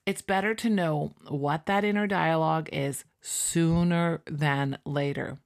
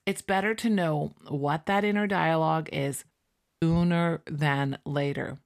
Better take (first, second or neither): first